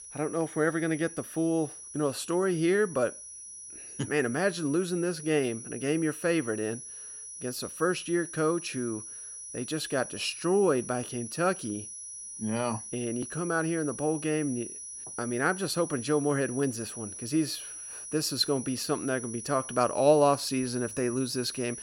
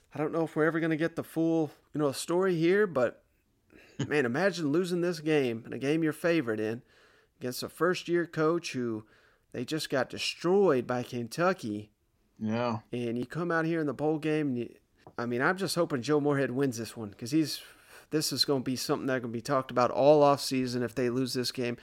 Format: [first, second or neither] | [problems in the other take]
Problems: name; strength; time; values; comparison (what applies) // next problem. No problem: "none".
second | high-pitched whine; loud; throughout; 10 kHz, 10 dB below the speech